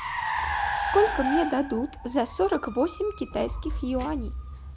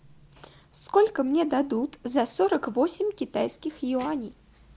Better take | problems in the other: second | background sound (Car); 4 dB below the speech

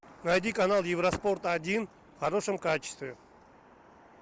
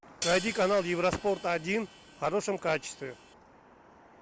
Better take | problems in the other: first | background sound (Hi-hat); 13 dB below the speech

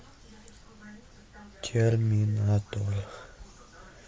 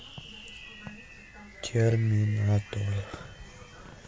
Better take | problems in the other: first | background sound (Fireworks); 18 dB below the speech

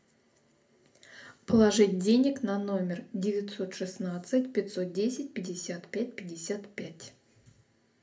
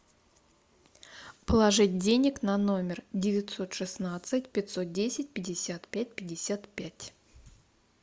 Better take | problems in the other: second | room echo; dies away in 0.3 s

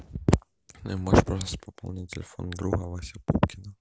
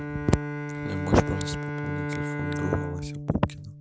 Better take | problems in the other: first | background sound (Bowed string instrument); 3 dB below the speech

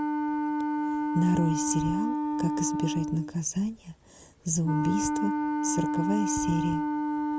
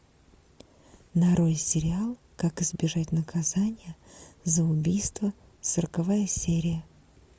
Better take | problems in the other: second | background sound (Wind instrument, woodwind instrument); 1 dB above the speech

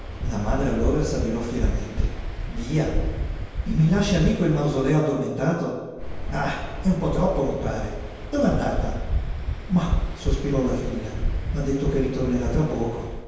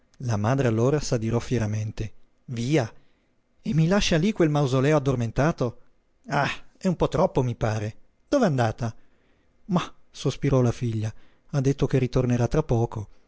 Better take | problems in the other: second | background sound (Waves, surf); 3 dB below the speech // room echo; dies away in 1.2 s

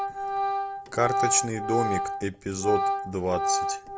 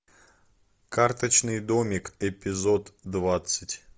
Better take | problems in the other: second | background sound (Organ); as loud as the speech

